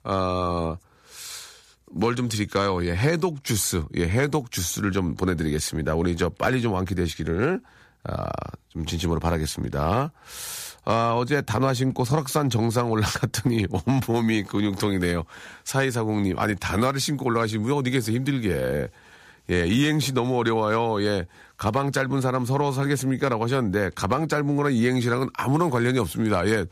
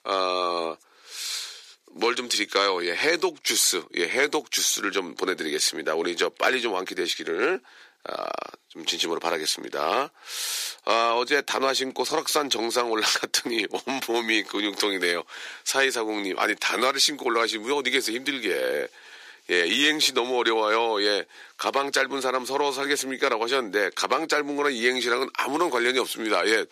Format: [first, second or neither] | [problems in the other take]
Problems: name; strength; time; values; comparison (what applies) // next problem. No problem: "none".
first | thin; somewhat; fading below 350 Hz